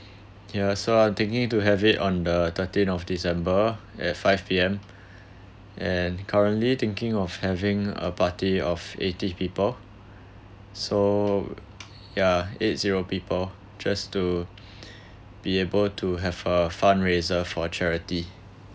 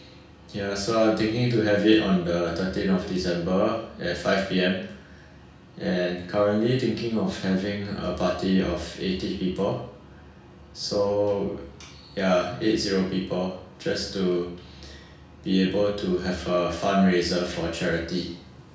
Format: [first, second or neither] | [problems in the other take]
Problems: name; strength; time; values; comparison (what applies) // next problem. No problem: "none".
first | room echo; dies away in 0.6 s